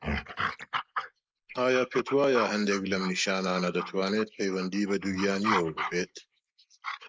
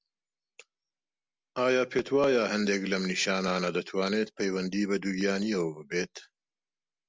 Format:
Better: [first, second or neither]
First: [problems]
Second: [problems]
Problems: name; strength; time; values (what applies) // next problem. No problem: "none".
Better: second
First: noise reduction (neural mask model Resemble Enhance denoiser)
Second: none